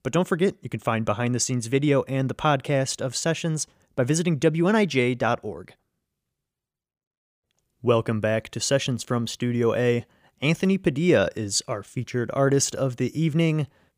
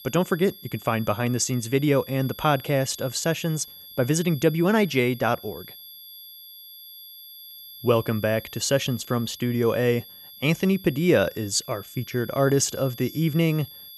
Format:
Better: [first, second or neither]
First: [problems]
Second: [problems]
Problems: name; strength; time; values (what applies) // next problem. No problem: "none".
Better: first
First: none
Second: high-pitched whine; noticeable; throughout; 3.5 kHz, 15 dB below the speech